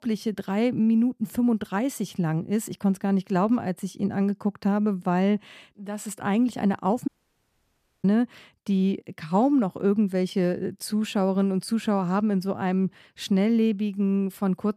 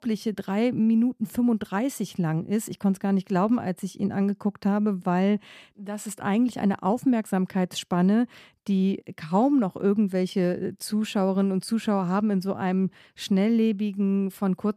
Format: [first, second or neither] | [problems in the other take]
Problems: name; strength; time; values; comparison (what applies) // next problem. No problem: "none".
second | audio cutting out; at 7 s for 1 s